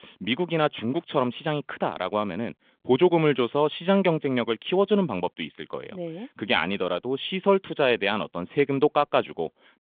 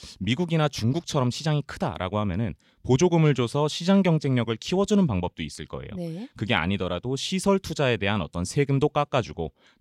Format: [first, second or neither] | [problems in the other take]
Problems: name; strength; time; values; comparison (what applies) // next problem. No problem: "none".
second | phone-call audio